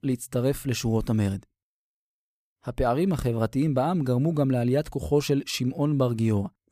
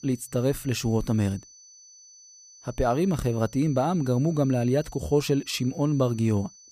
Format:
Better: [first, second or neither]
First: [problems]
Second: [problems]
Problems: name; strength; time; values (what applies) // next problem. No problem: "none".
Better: first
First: none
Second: high-pitched whine; faint; throughout; 6 kHz, 20 dB below the speech